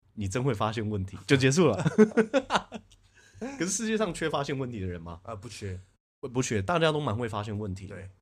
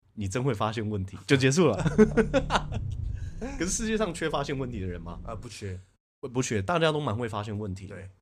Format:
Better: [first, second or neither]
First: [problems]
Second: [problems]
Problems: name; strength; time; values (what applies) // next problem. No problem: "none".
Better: first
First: none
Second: low rumble; faint; from 2 to 5.5 s; 25 dB below the speech